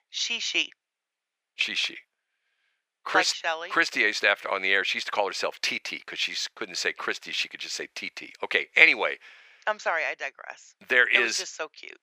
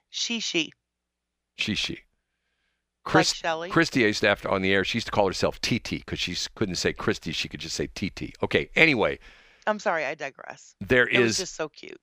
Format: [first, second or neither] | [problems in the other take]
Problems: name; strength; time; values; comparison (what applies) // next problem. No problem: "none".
second | thin; very; fading below 550 Hz